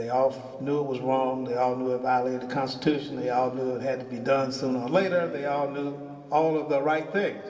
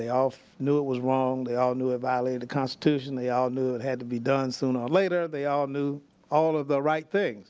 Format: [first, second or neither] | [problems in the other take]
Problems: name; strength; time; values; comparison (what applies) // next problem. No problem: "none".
second | room echo; dies away in 2.4 s